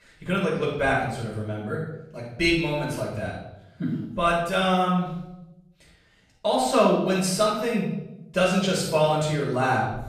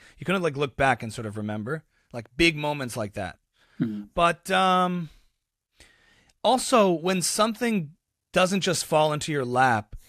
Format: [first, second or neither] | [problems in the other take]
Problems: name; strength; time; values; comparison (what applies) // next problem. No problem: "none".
second | off-mic speech; far // room echo; noticeable; dies away in 0.8 s